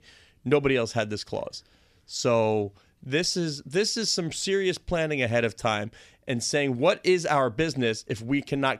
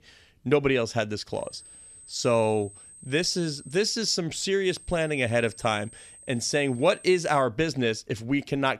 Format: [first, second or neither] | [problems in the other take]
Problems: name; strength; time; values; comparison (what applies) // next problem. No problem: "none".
first | high-pitched whine; faint; from 1.5 to 4 s and from 4.5 to 7.5 s; 8.5 kHz, 20 dB below the speech